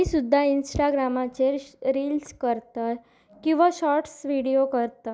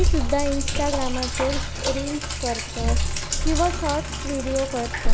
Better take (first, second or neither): first